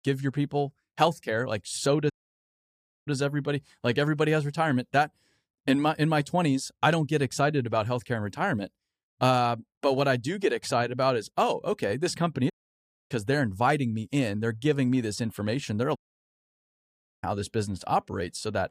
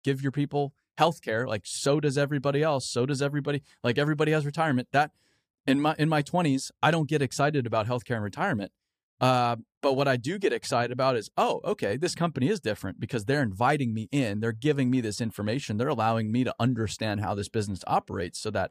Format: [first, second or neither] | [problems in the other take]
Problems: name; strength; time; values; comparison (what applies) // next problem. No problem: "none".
second | audio cutting out; at 2 s for 1 s, at 13 s for 0.5 s and at 16 s for 1.5 s